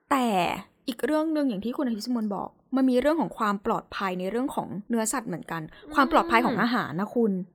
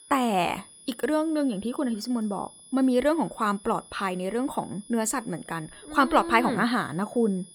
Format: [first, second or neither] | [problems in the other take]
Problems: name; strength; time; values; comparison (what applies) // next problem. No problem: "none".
first | high-pitched whine; faint; throughout; 10.5 kHz, 20 dB below the speech